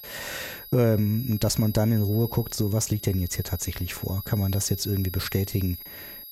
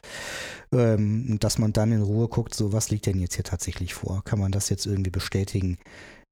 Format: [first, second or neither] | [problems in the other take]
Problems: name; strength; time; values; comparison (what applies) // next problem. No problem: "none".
second | high-pitched whine; noticeable; throughout; 11.5 kHz, 10 dB below the speech